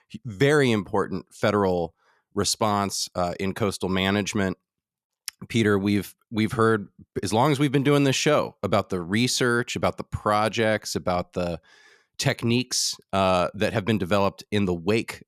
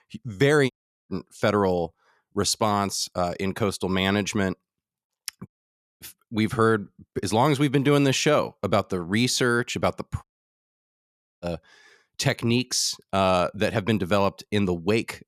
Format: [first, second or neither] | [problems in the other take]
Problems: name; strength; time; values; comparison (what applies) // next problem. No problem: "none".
first | audio cutting out; at 0.5 s, at 5.5 s for 0.5 s and at 10 s for 1 s